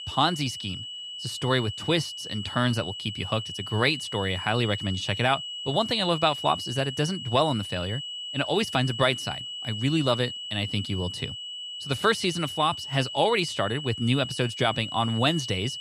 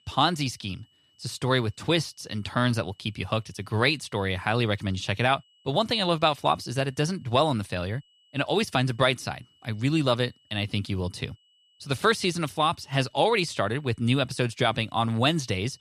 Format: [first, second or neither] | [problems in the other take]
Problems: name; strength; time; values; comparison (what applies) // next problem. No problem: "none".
second | high-pitched whine; loud; throughout; 3 kHz, 7 dB below the speech; faint in the second